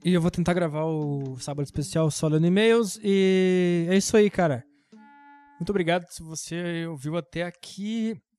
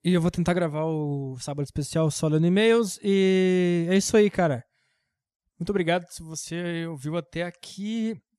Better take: second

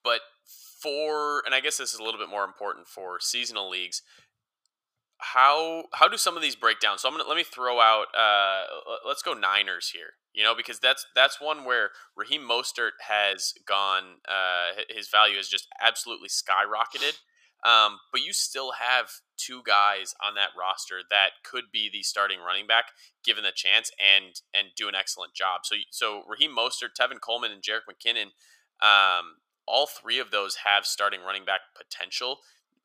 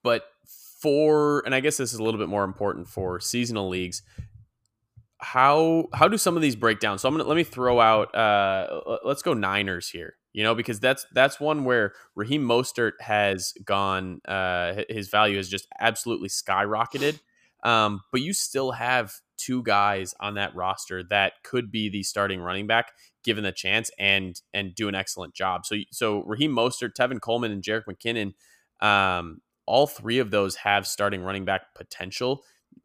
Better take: second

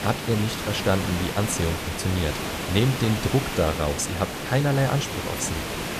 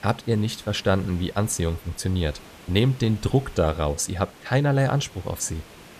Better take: second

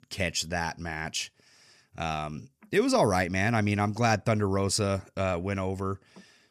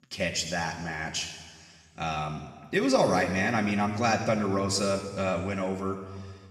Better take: first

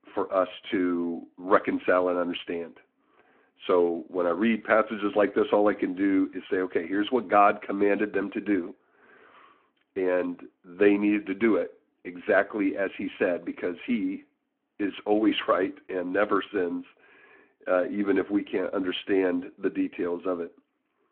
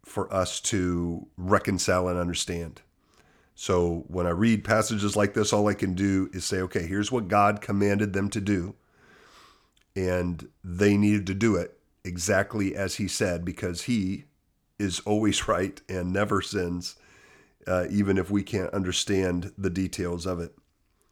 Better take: second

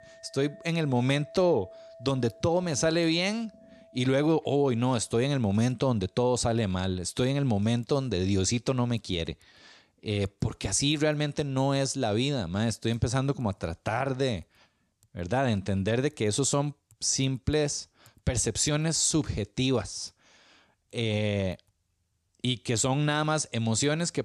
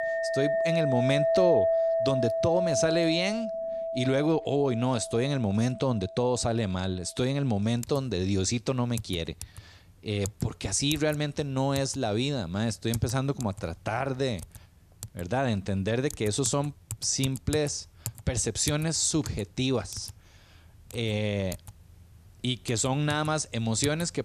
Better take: first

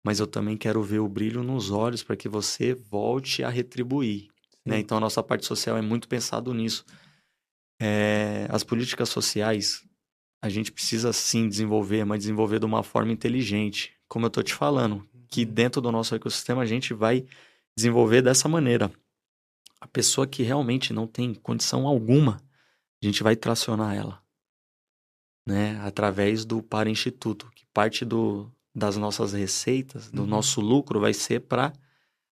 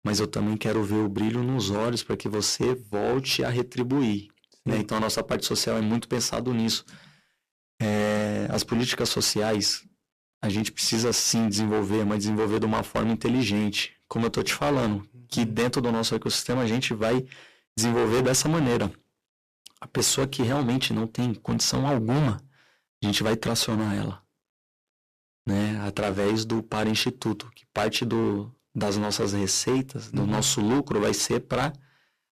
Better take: first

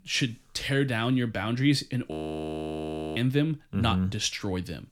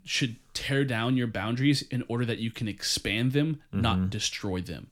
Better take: second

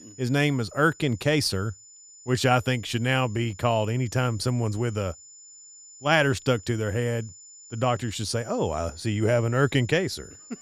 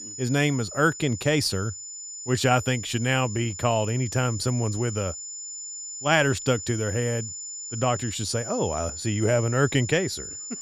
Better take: first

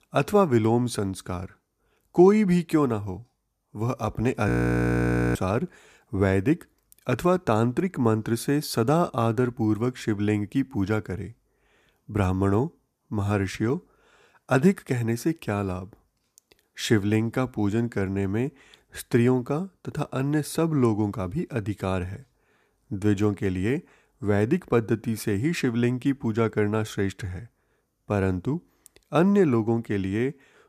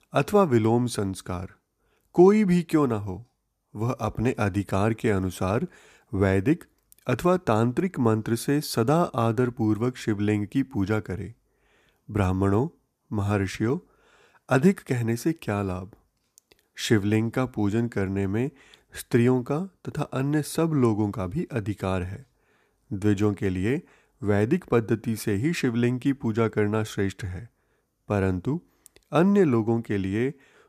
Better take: second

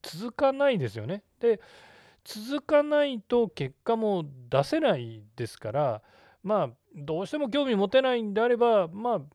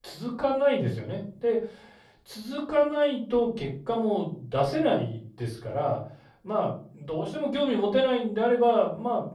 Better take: first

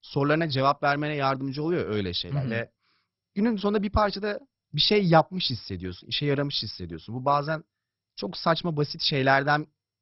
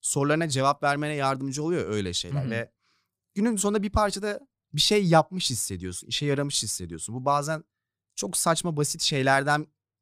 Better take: second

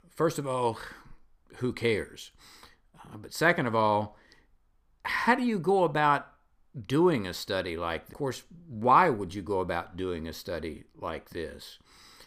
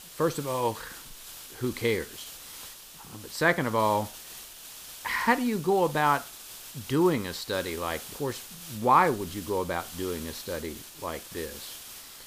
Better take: first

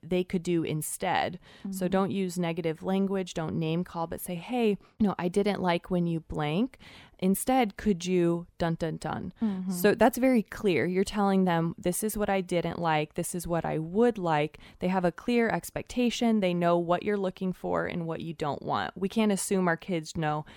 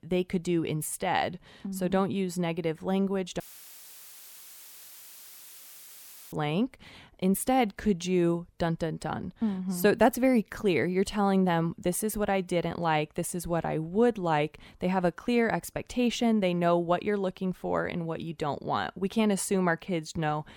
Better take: first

